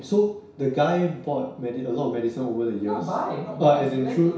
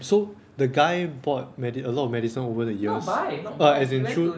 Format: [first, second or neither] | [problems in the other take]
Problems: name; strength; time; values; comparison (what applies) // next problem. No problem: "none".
second | room echo; dies away in 0.6 s